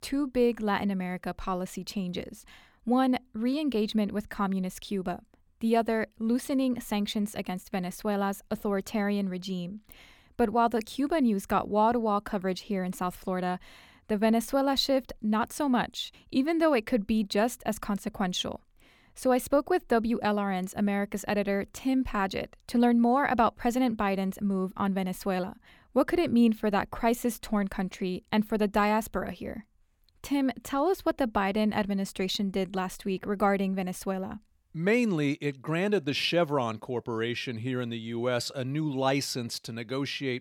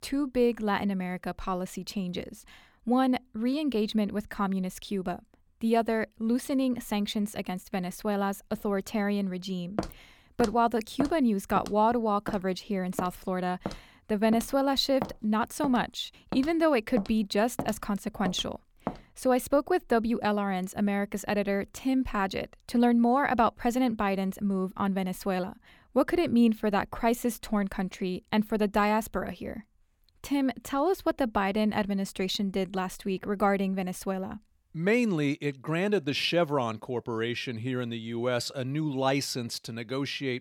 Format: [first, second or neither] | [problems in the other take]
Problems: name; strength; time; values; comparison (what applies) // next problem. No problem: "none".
first | footsteps; noticeable; from 10 to 19 s; peak 8 dB below the speech